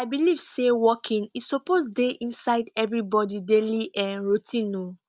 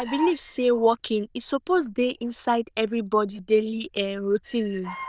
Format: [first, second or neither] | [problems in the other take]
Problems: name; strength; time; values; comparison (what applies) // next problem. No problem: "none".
first | noise reduction (neural diffusion model UNIVERSE++)